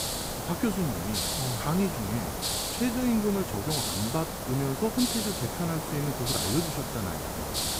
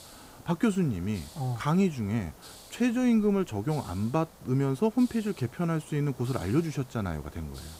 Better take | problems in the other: second | hiss; loud; throughout; as loud as the speech; faint in the second

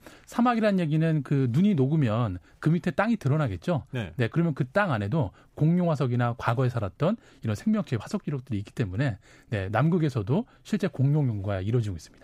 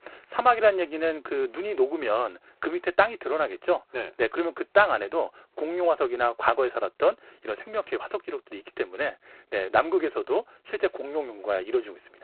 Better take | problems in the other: first | phone-call audio; poor line; nothing above 4 kHz

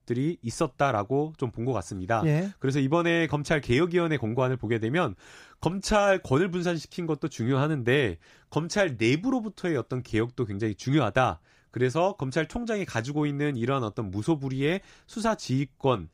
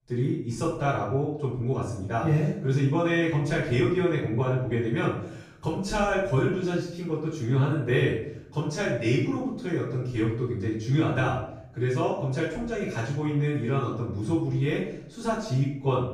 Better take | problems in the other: first | room echo; noticeable; dies away in 0.6 s // off-mic speech; far

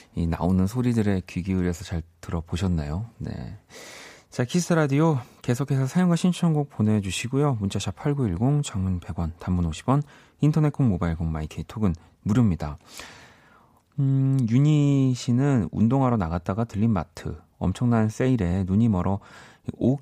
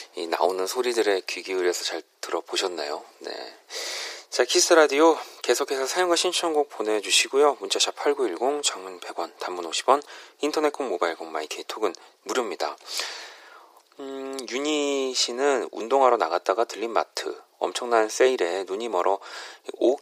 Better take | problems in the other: first | thin; very; fading below 350 Hz

